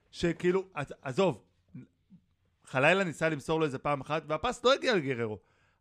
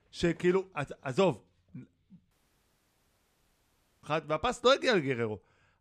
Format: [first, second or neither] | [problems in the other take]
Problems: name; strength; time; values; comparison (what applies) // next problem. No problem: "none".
first | audio cutting out; at 2.5 s for 1.5 s